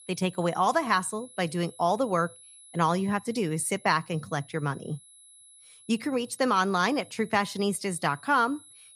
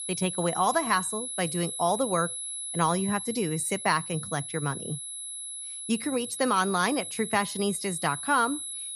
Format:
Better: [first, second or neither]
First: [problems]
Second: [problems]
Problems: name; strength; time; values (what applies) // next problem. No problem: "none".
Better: first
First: high-pitched whine; faint; throughout; 11 kHz, 20 dB below the speech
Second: high-pitched whine; loud; throughout; 11 kHz, 6 dB below the speech